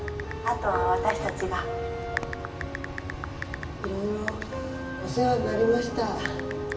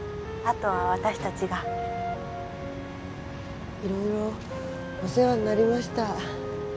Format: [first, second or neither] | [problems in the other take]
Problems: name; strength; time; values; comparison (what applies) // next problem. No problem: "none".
second | background sound (Typing); 11 dB below the speech // room echo; dies away in 0.9 s